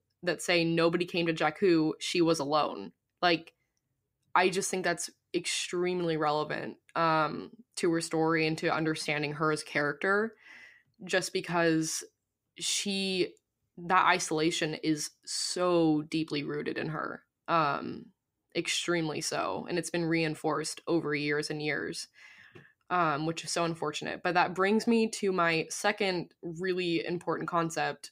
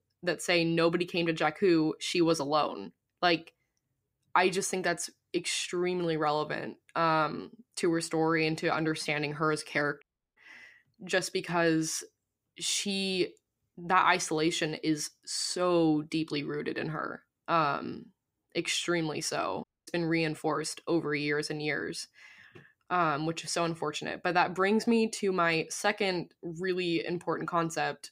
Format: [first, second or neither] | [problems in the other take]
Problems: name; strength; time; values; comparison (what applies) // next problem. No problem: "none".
first | audio cutting out; at 10 s and at 20 s